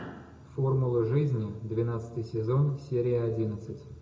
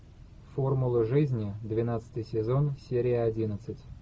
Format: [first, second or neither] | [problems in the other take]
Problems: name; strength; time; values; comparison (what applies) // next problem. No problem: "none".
second | room echo; dies away in 0.5 s